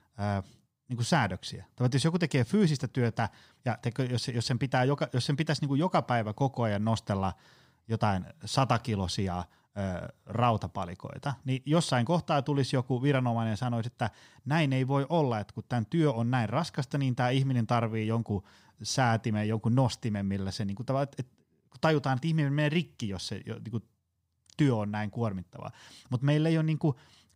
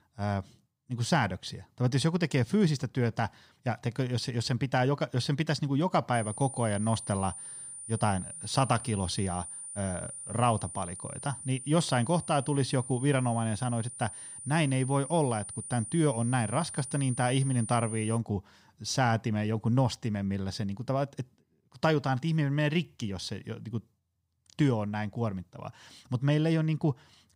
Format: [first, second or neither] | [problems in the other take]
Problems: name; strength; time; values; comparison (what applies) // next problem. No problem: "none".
first | high-pitched whine; loud; from 6 to 18 s; 9.5 kHz, 10 dB below the speech